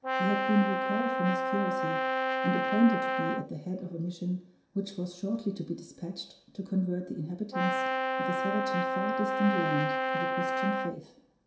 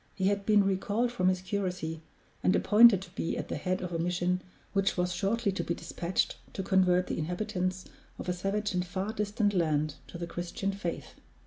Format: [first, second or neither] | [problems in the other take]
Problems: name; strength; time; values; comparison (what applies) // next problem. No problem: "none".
second | background sound (Brass instrument); 2 dB above the speech // room echo; dies away in 0.7 s